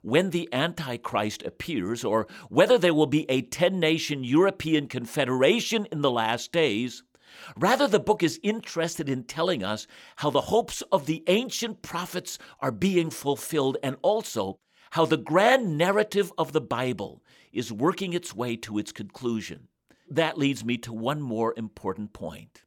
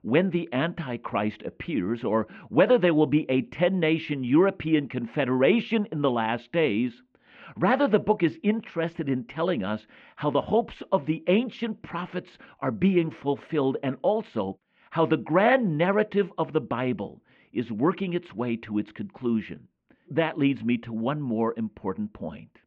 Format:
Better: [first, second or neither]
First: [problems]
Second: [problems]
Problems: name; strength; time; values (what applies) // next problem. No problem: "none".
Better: first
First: none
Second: muffled; very; fading above 2.5 kHz